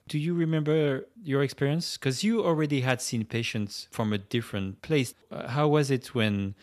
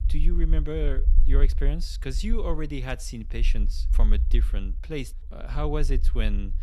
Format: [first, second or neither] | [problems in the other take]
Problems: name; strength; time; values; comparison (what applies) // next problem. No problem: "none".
first | low rumble; noticeable; throughout; 15 dB below the speech